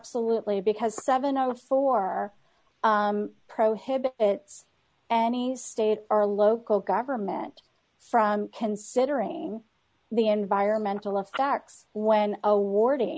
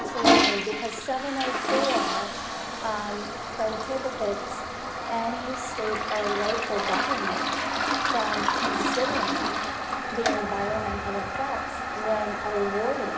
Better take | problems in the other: first | background sound (Toilet flush); 3 dB above the speech // room echo; dies away in 1 s

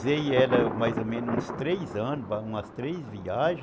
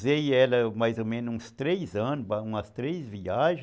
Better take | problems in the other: second | background sound (Thunder); 5 dB below the speech

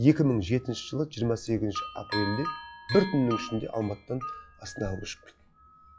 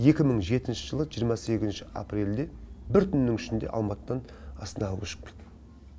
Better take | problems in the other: second | noise reduction (classical method log-MMSE)

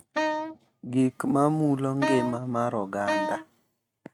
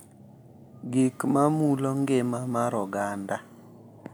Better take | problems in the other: second | noise reduction (neural mask model RNNoise)

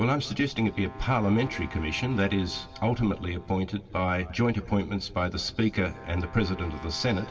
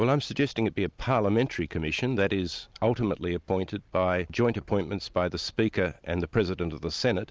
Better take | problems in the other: second | background sound (Brass instrument); 19 dB below the speech // room echo; dies away in 1.7 s

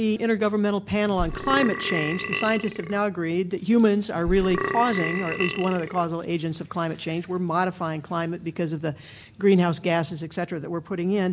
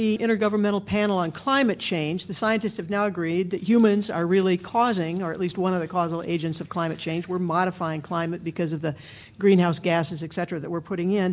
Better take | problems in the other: second | background sound (Burping, eructation); 6 dB below the speech

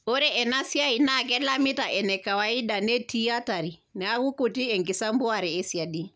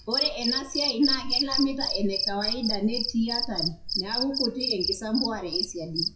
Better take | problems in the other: first | noise reduction (classical method WPE with log-MMSE)

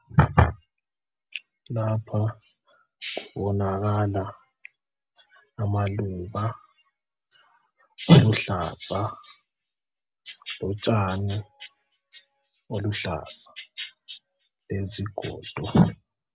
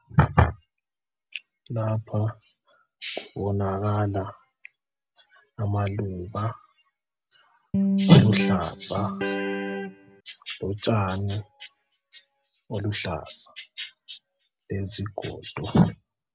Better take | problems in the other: first | background sound (Electric guitar); 1 dB above the speech

